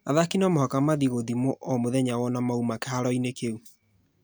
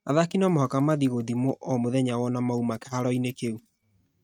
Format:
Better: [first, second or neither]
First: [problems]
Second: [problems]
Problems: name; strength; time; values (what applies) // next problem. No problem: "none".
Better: first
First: none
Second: noise reduction (neural mask model RNNoise)